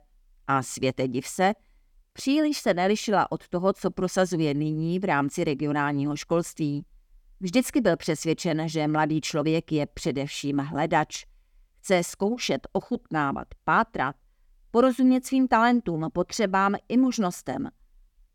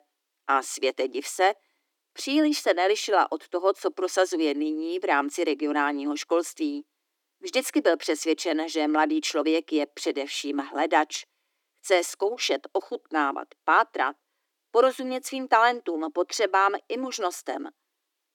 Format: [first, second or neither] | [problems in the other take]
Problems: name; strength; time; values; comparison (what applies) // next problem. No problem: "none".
first | thin; somewhat; fading below 300 Hz